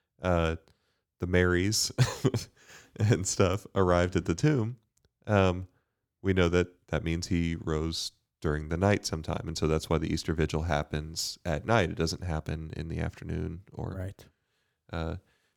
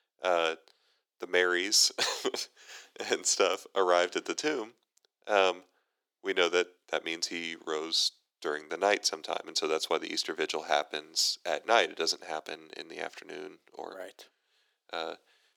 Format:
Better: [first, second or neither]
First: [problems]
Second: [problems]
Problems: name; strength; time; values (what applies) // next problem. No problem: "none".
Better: first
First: none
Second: thin; very; fading below 350 Hz